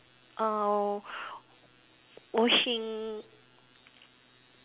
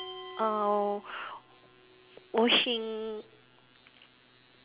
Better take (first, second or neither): first